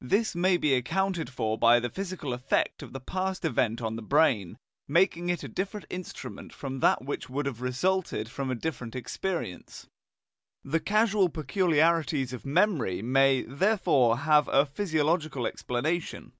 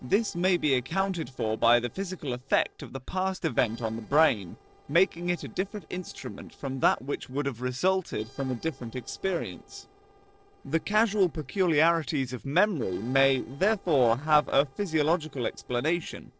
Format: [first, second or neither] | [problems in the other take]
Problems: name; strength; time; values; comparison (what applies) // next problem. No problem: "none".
first | noise reduction (neural separator model SepFormer DNS4)